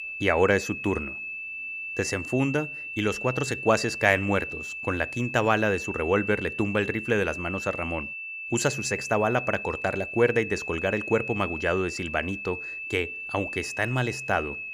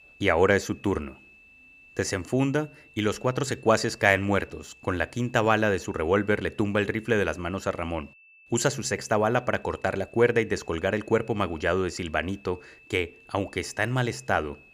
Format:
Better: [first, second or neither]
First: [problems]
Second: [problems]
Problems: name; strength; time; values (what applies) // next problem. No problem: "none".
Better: second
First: high-pitched whine; loud; throughout; 2.5 kHz, 6 dB below the speech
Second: high-pitched whine; faint; throughout; 2.5 kHz, 25 dB below the speech